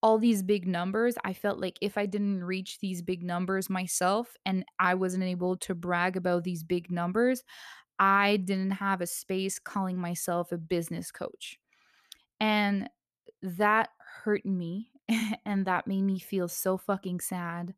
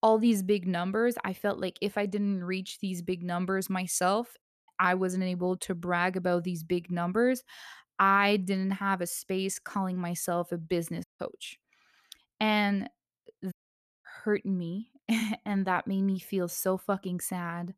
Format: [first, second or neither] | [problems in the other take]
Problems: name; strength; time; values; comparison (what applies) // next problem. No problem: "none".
first | audio cutting out; at 4.5 s, at 11 s and at 14 s for 0.5 s